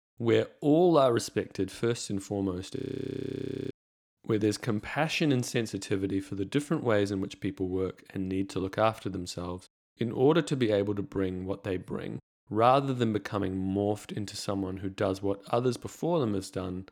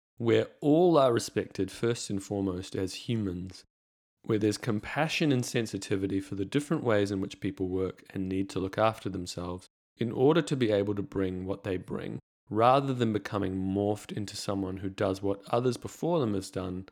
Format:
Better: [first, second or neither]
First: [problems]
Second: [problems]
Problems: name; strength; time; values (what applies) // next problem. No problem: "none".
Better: second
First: audio freezing; at 3 s for 1 s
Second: none